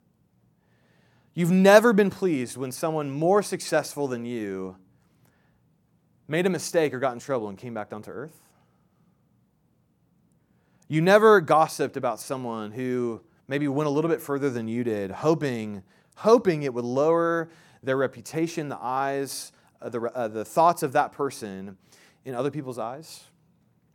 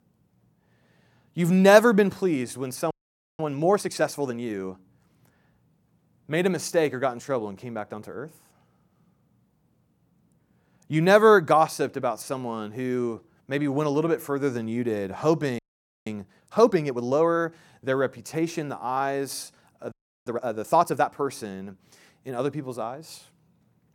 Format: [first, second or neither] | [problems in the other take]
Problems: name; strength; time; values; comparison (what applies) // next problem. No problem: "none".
first | audio freezing; at 3 s, at 16 s and at 20 s